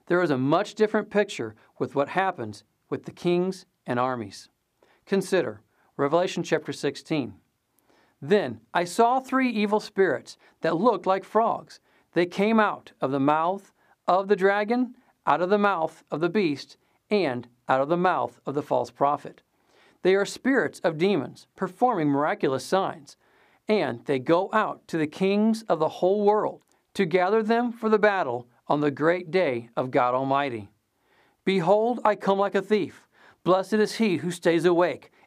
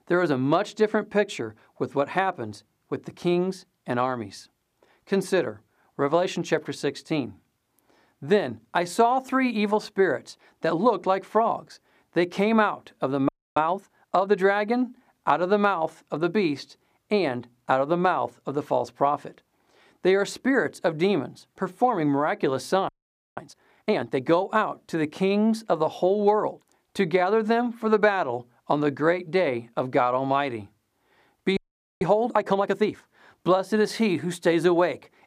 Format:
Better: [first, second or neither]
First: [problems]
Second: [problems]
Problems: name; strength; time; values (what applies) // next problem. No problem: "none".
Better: first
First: none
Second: audio freezing; at 13 s, at 23 s and at 32 s